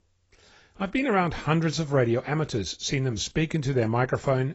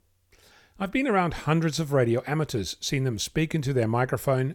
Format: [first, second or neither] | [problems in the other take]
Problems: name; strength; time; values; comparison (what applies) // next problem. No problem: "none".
second | garbled, watery; badly; nothing above 7.5 kHz